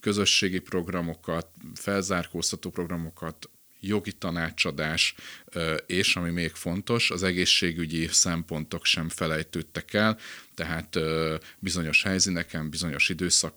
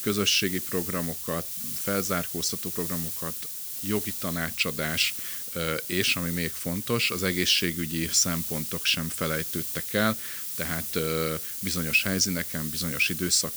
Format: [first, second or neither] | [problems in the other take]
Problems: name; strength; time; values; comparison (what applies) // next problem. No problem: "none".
first | hiss; loud; throughout; 4 dB below the speech; faint in the first